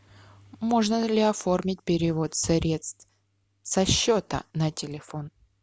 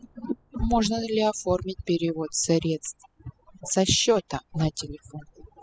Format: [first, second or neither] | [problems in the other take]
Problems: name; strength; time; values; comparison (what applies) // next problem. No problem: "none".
first | noise reduction (classical method spectral subtraction)